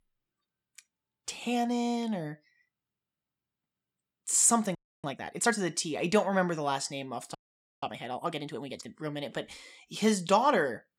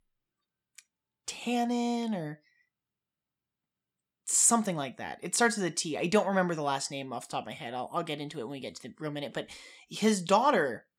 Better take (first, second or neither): second